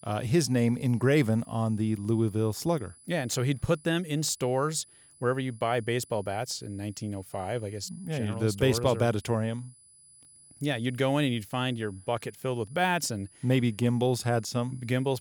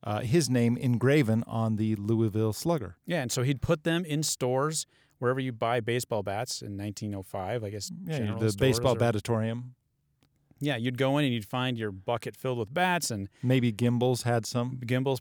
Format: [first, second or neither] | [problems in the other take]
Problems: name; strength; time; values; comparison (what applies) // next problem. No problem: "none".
second | high-pitched whine; faint; throughout; 10 kHz, 25 dB below the speech